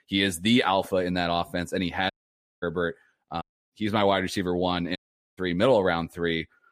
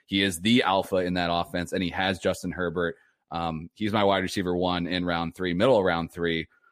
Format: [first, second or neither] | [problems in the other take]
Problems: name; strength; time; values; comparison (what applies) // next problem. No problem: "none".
second | audio cutting out; at 2 s for 0.5 s, at 3.5 s and at 5 s